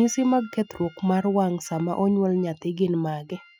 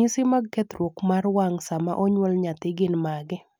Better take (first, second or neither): second